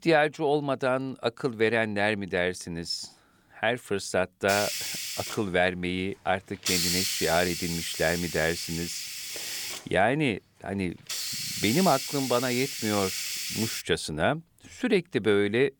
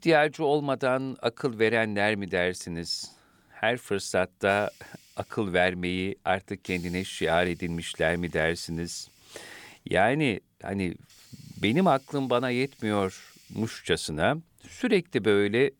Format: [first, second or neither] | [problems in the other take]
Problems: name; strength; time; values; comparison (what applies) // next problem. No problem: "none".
second | hiss; loud; from 4.5 to 14 s; 3 dB below the speech; faint in the second